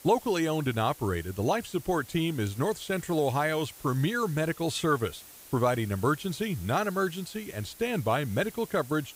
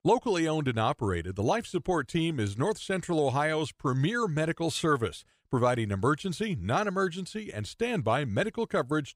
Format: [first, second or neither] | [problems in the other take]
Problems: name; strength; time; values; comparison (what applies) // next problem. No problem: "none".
second | hiss; noticeable; throughout; 20 dB below the speech